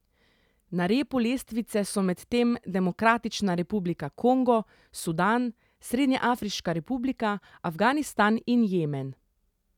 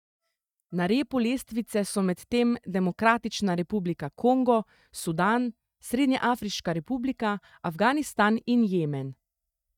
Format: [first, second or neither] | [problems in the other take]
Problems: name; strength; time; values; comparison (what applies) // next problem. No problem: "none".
first | noise reduction (neural mask model DeepFilterNet 3)